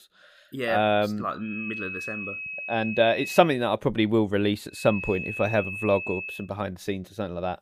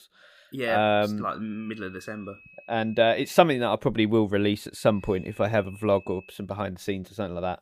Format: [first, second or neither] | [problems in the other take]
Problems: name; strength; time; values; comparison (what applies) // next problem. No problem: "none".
second | high-pitched whine; loud; from 1.5 to 3.5 s and from 5 to 6.5 s; 2.5 kHz, 7 dB below the speech; faint in the second